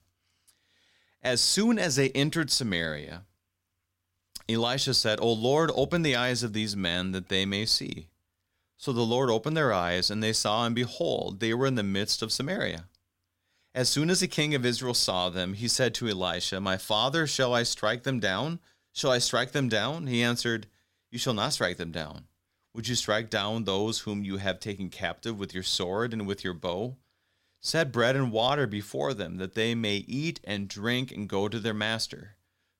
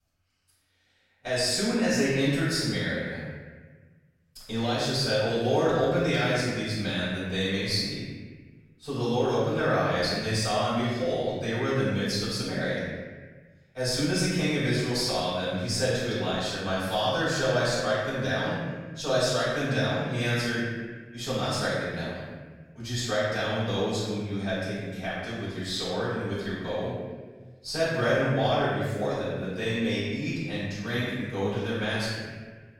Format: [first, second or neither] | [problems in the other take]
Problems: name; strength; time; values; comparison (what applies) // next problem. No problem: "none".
first | off-mic speech; far // room echo; strong; dies away in 1.5 s